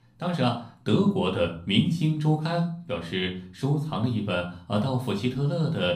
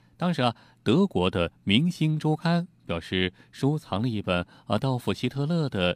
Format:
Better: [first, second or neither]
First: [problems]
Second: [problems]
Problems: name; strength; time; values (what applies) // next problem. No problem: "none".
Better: second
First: room echo; slight; dies away in 0.4 s // off-mic speech; far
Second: none